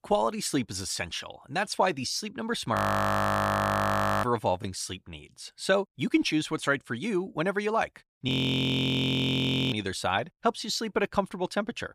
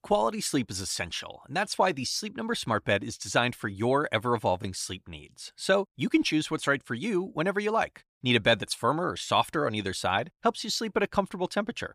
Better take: second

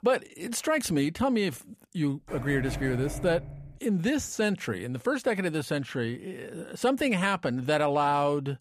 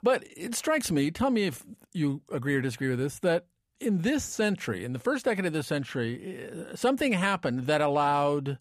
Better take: second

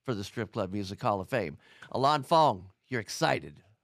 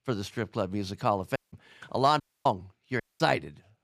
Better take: first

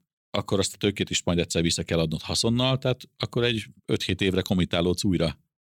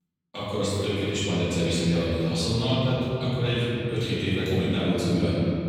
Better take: first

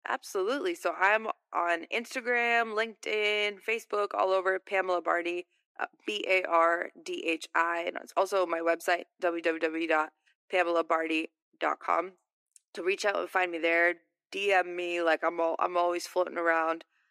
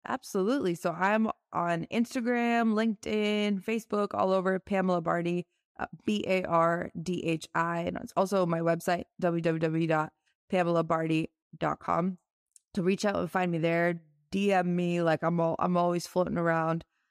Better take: second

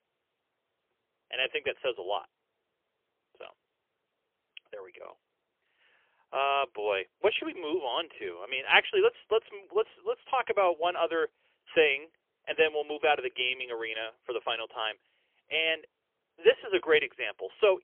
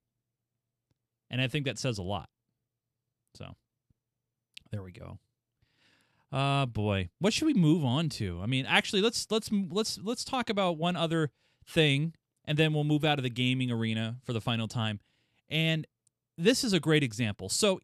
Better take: second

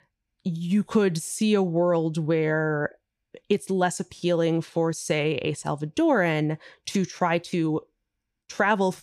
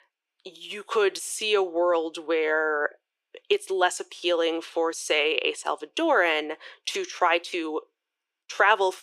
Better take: first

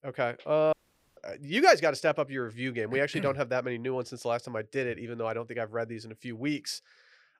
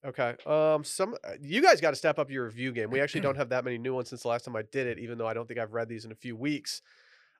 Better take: second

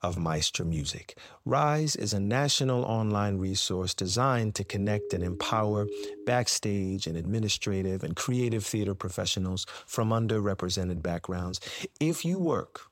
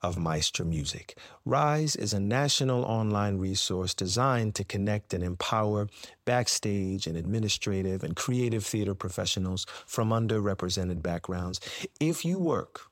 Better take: second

